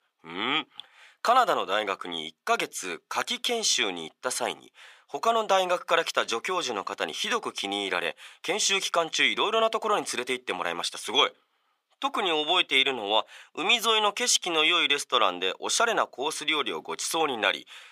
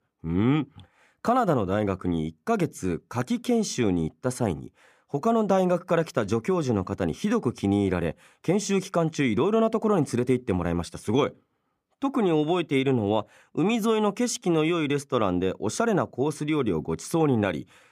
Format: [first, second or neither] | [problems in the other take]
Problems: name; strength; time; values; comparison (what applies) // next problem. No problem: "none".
second | thin; very; fading below 800 Hz